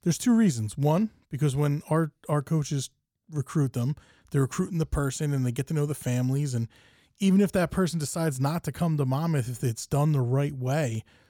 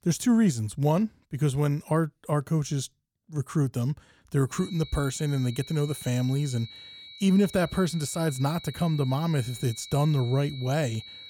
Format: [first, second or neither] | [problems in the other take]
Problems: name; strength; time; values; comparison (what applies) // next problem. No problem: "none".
first | high-pitched whine; noticeable; from 4.5 s on; 4 kHz, 15 dB below the speech